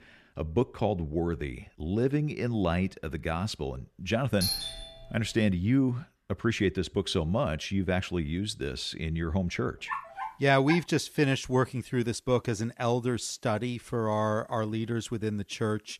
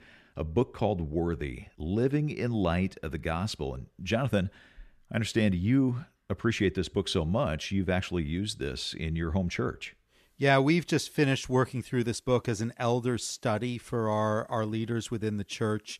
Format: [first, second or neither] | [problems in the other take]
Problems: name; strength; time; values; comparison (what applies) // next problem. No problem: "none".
second | doorbell; loud; at 4.5 s; peak level with the speech // dog barking; noticeable; at 10 s; peak 7 dB below the speech